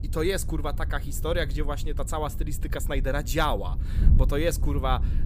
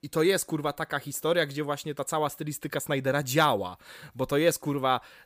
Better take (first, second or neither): second